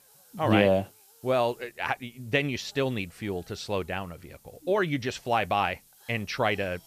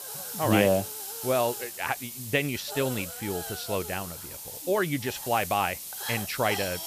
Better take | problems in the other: first | hiss; loud; throughout; 7 dB below the speech; faint in the first

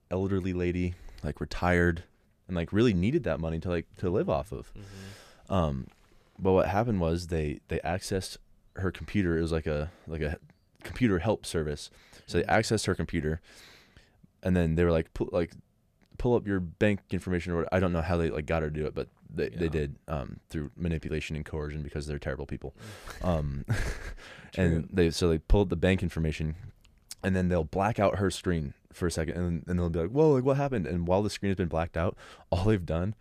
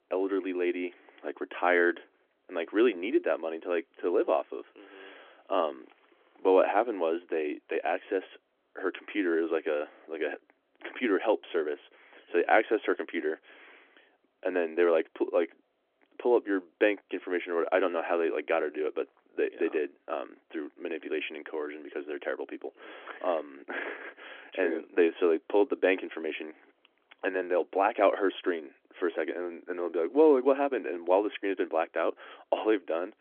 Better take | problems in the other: first | phone-call audio; nothing above 3.5 kHz

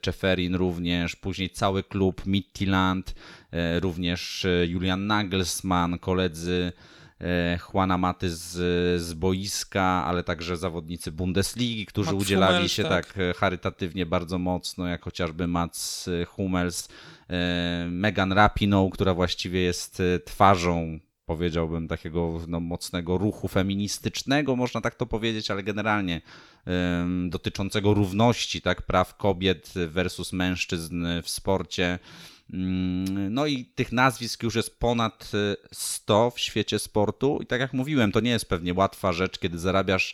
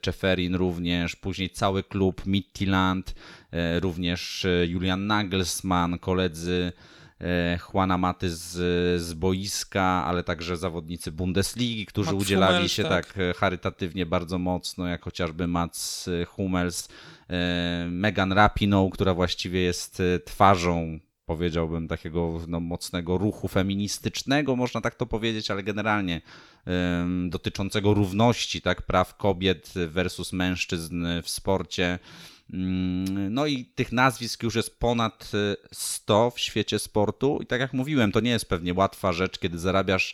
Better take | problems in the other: neither | none

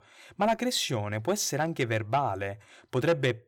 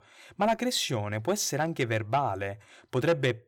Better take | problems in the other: neither | distortion; slight; 10 dB below the speech; the same in both

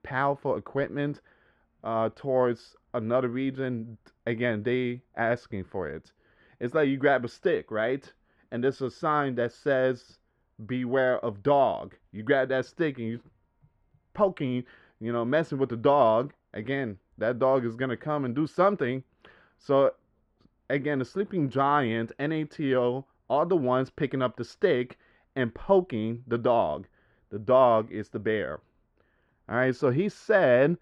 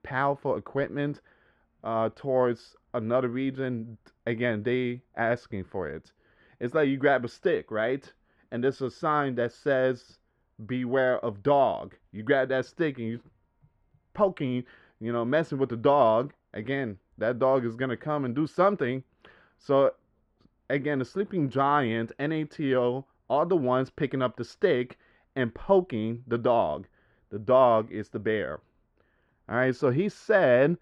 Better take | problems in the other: neither | muffled; very; fading above 1.5 kHz; the same in both

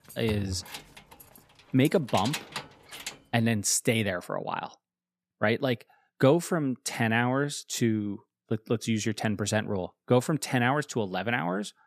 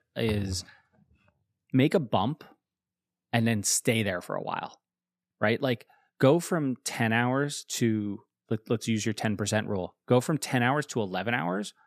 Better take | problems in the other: second | jangling keys; noticeable; until 3 s; peak 6 dB below the speech

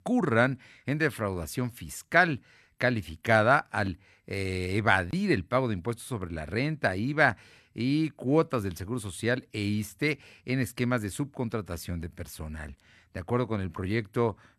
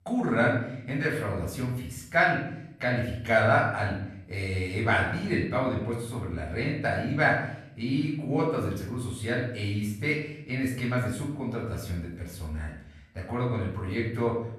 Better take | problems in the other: first | off-mic speech; far // room echo; noticeable; dies away in 0.6 s

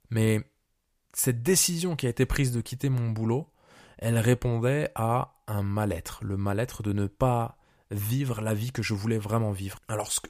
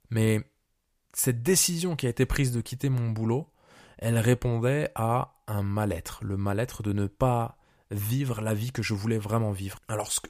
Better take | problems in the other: neither | none

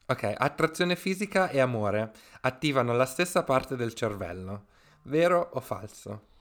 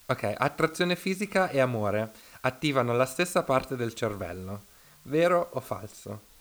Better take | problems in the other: first | hiss; faint; throughout; 25 dB below the speech

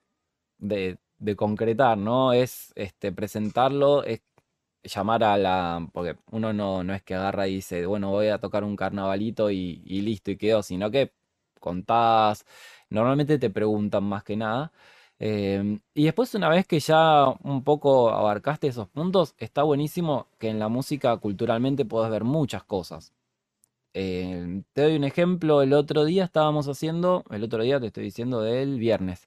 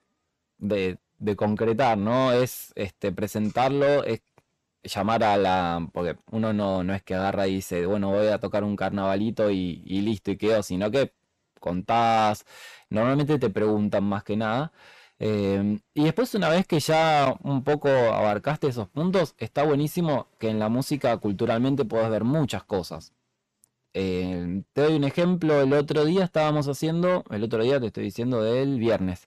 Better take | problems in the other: first | distortion; slight; 10 dB below the speech

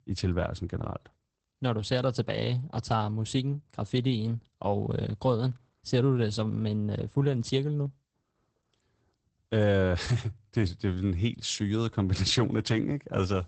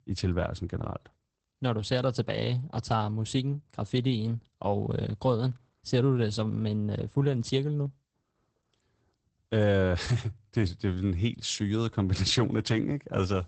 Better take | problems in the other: neither | garbled, watery; badly; nothing above 8 kHz; the same in both

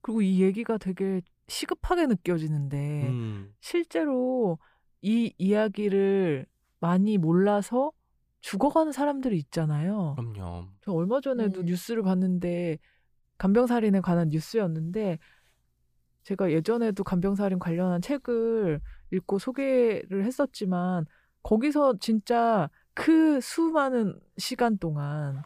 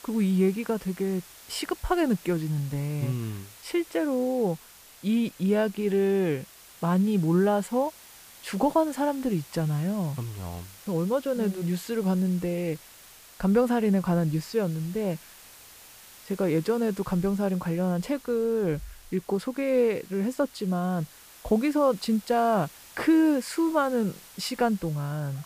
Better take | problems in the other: first | hiss; faint; throughout; 20 dB below the speech

